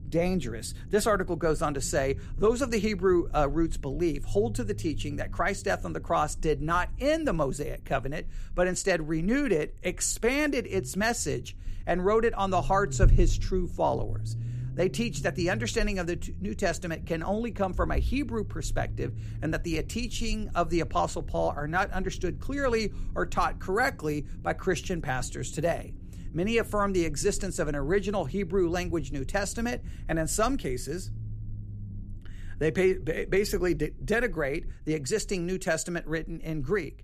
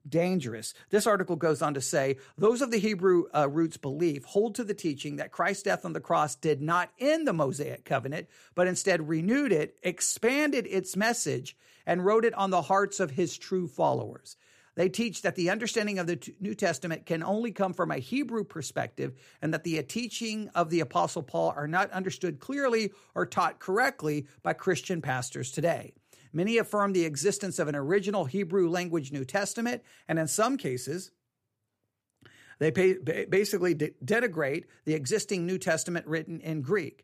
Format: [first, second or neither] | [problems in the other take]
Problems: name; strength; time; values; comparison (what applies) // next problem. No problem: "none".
second | low rumble; faint; throughout; 25 dB below the speech